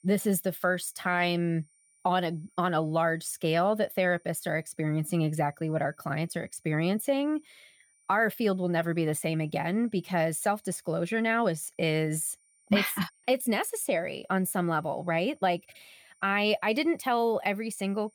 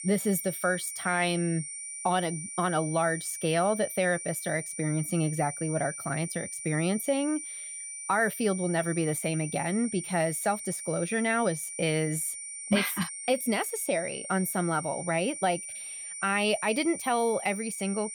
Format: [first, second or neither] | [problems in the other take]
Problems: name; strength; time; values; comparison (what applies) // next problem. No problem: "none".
first | high-pitched whine; loud; throughout; 9 kHz, 8 dB below the speech; faint in the first